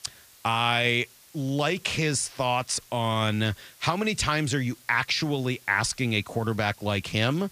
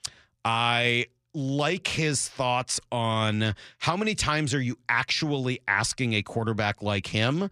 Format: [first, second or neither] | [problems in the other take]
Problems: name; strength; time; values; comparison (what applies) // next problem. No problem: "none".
second | hiss; faint; throughout; 25 dB below the speech